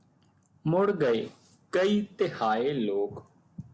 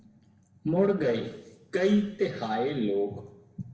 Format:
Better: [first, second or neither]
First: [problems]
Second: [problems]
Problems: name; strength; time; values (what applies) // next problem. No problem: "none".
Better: first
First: none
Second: room echo; dies away in 0.8 s